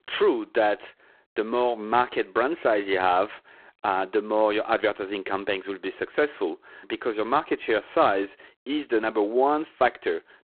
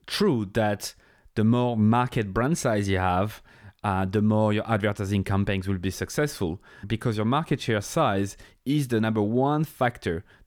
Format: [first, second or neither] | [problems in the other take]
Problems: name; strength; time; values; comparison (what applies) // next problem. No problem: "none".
second | phone-call audio; poor line